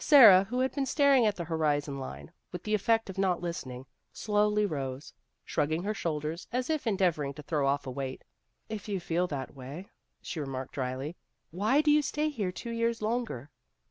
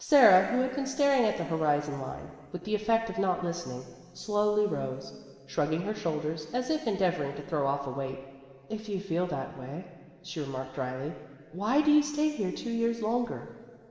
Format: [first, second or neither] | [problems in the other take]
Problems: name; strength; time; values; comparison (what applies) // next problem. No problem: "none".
first | room echo; dies away in 2.8 s